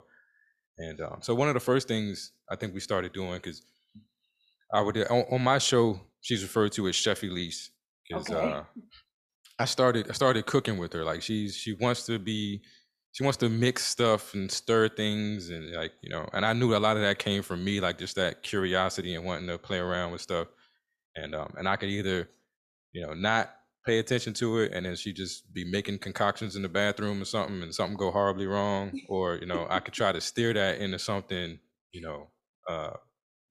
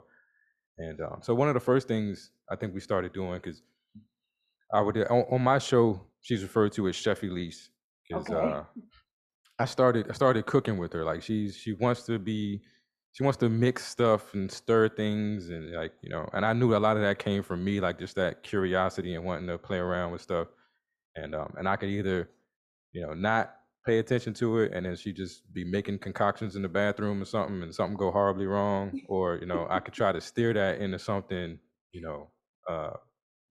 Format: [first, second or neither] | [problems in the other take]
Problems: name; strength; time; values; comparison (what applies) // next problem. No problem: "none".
first | muffled; slightly; fading above 2 kHz